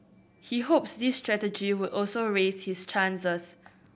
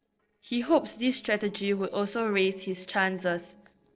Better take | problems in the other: first | noise reduction (neural separator model SepFormer DNS4)

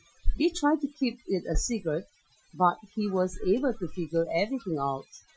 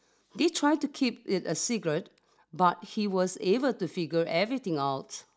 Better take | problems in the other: second | noise reduction (classical method Wiener filter)

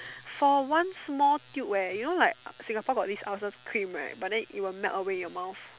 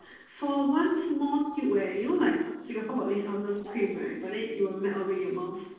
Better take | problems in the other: first | noise reduction (neural separator model SepFormer DNS4)

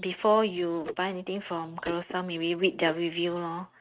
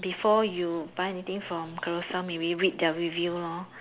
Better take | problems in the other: second | noise reduction (neural mask model RNNoise)

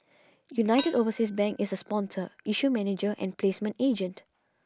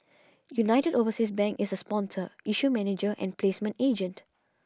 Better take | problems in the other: second | background sound (Dishes, pots, and pans); 19 dB below the speech

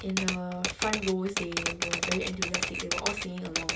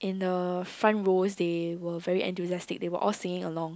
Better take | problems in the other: second | background sound (Typewriter); 1 dB above the speech // room echo; dies away in 0.2 s

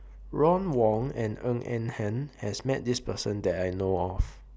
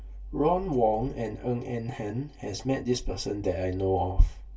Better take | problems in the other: first | room echo; dies away in 0.1 s

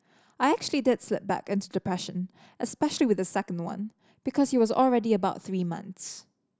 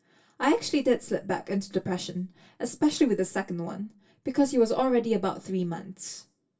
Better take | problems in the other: first | room echo; dies away in 0.1 s

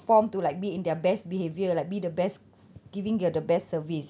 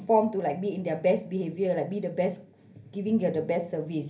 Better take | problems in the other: first | room echo; dies away in 0.3 s

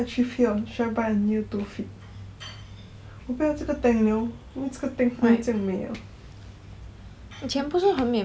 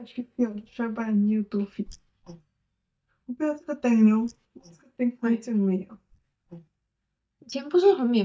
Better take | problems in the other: first | noise reduction (neural mask model DeepFilterNet 3)

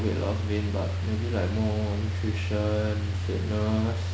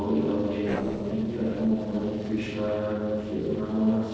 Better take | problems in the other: first | noise reduction (neural separator model SepFormer DNS4)

